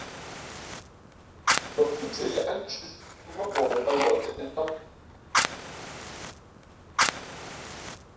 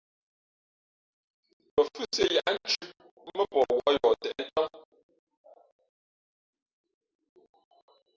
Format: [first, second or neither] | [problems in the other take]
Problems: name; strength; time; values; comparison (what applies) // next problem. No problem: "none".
second | background sound (Fire); 1 dB below the speech // room echo; dies away in 0.7 s